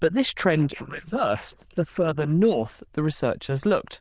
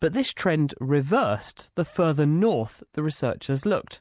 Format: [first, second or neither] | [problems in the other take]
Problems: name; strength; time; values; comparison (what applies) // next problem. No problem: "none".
second | noise reduction (neural diffusion model UNIVERSE++)